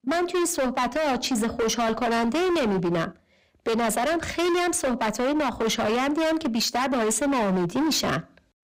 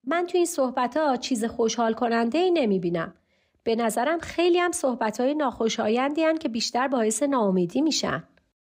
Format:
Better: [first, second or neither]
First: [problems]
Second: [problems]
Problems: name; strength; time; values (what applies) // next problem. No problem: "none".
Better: second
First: distortion; heavy; 33% of the sound clipped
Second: none